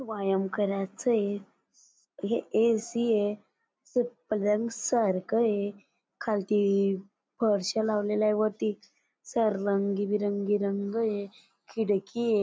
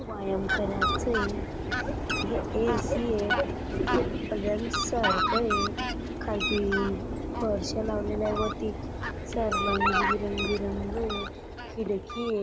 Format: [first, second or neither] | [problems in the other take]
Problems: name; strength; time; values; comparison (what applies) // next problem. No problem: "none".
first | background sound (Fowl); 2 dB above the speech